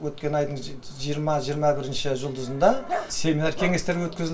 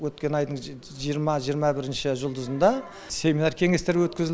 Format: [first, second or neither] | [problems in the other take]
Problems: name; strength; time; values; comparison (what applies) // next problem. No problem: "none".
second | background sound (Dog); 14 dB below the speech // room echo; dies away in 0.2 s